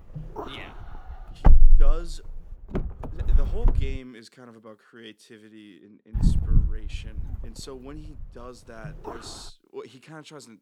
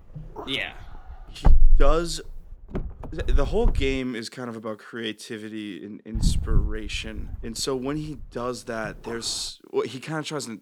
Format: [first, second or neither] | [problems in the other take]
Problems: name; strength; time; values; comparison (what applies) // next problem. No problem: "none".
second | wind noise on the microphone; heavy; until 4 s and from 6 to 9.5 s; 3 dB above the speech; occasional gusts in the second